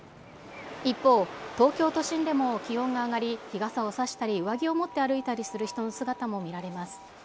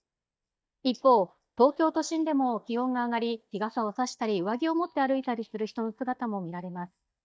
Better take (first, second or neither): first